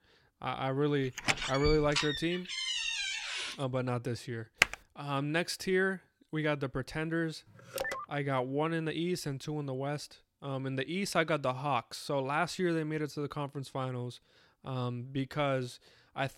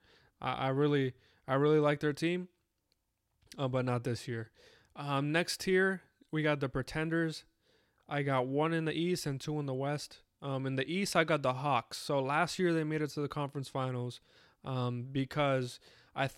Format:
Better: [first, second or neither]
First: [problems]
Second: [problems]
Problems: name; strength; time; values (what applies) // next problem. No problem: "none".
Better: second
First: door banging; loud; from 1 to 3.5 s; peak 2 dB above the speech // keyboard typing; very faint; at 4.5 s; peak 5 dB above the speech // phone ringing; noticeable; at 7.5 s; peak 3 dB below the speech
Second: none